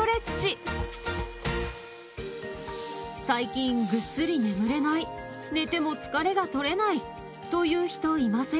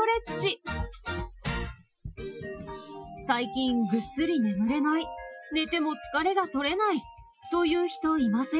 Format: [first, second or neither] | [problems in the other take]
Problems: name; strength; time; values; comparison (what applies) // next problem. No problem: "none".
first | noise reduction (classical method Wiener filter)